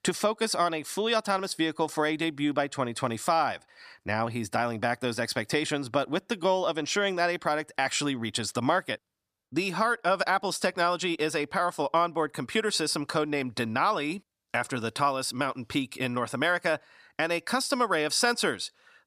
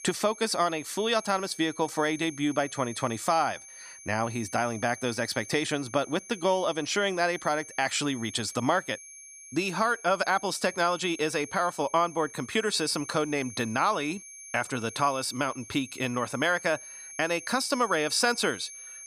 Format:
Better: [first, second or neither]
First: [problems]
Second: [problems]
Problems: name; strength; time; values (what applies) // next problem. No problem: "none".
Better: first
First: none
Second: high-pitched whine; noticeable; throughout; 6.5 kHz, 15 dB below the speech